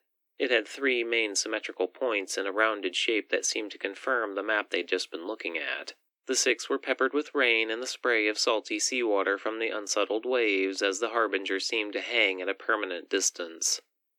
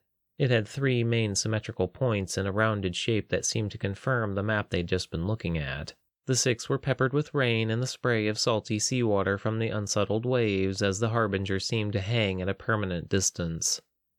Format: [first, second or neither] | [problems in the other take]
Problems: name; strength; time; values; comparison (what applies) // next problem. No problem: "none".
second | thin; somewhat; fading below 250 Hz